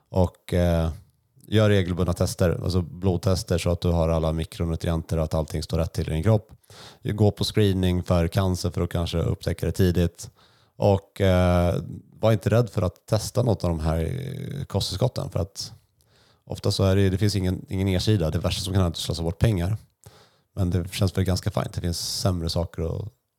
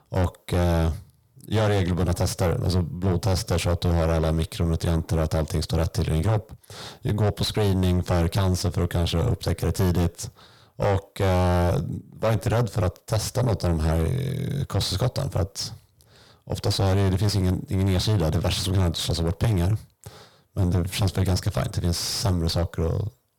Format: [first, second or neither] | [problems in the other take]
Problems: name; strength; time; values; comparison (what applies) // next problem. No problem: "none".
first | distortion; heavy; 7 dB below the speech